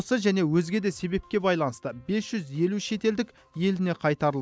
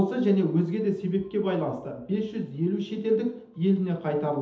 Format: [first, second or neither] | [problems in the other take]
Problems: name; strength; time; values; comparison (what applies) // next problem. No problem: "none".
first | room echo; dies away in 0.8 s